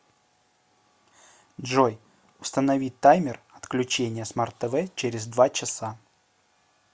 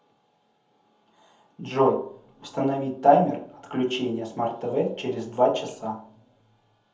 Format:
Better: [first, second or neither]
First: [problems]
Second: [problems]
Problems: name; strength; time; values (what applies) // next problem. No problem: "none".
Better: first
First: none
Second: room echo; dies away in 0.6 s